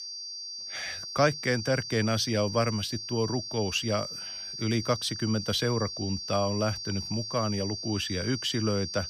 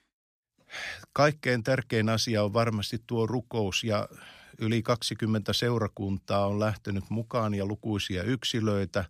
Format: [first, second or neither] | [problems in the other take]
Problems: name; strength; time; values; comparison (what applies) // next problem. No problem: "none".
second | high-pitched whine; loud; throughout; 4.5 kHz, 6 dB below the speech